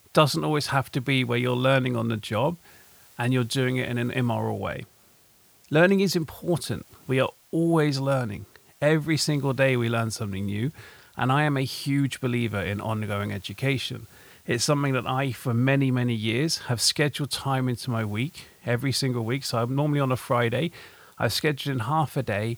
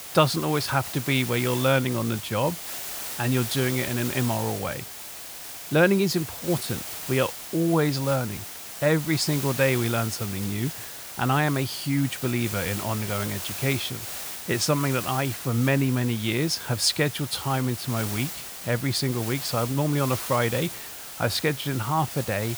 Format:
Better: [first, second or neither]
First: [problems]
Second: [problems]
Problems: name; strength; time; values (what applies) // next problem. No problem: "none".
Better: first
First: hiss; faint; throughout; 30 dB below the speech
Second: hiss; loud; throughout; 8 dB below the speech